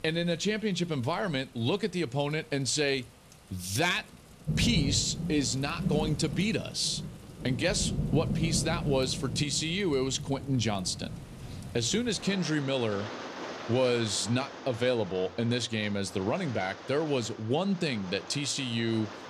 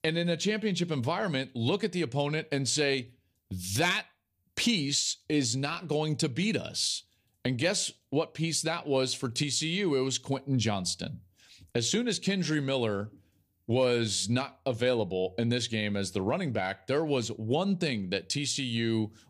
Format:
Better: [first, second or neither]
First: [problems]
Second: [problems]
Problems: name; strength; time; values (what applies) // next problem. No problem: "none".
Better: second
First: rain or running water; loud; throughout; 8 dB below the speech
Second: none